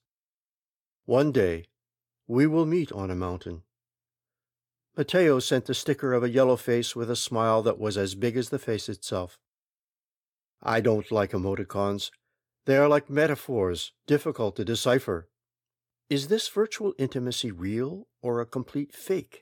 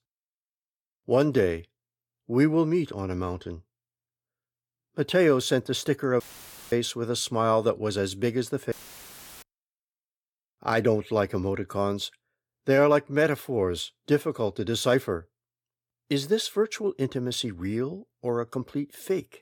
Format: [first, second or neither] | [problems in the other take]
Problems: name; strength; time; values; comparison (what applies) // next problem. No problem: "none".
first | audio cutting out; filled with static; at 6 s for 0.5 s and at 8.5 s for 0.5 s